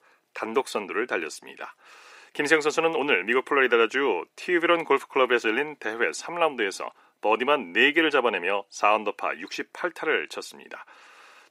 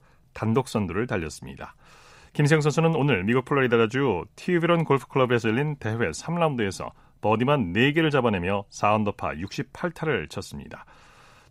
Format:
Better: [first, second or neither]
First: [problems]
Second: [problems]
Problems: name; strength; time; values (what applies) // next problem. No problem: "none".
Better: second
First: thin; somewhat; fading below 350 Hz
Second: none